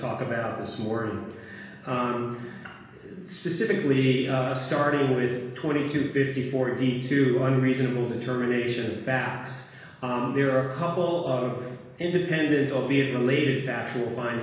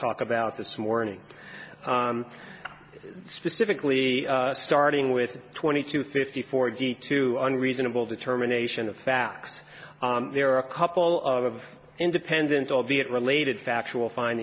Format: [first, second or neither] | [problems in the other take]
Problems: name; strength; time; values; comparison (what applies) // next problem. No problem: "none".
second | room echo; dies away in 1.1 s